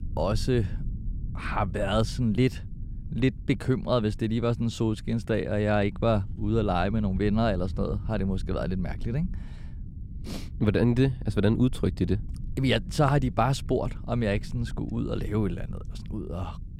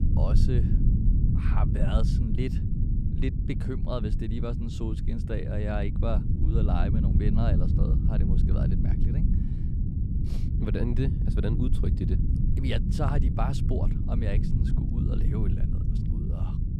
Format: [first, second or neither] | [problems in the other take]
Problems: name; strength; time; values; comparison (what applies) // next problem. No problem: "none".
first | low rumble; loud; throughout; 2 dB below the speech; faint in the first